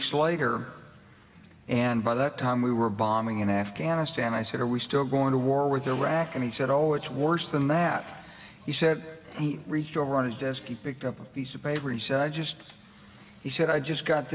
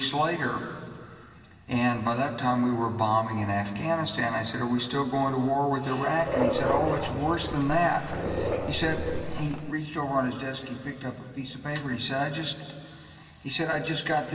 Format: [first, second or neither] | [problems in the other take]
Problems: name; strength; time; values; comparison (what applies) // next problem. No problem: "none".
first | background sound (Dog); 2 dB below the speech // room echo; dies away in 2.7 s